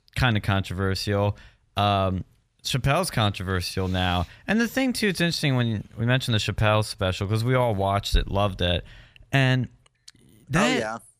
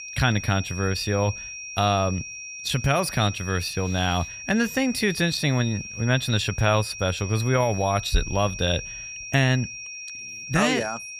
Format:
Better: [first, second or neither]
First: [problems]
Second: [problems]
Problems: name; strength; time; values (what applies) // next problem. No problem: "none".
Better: first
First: none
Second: high-pitched whine; loud; throughout; 2.5 kHz, 10 dB below the speech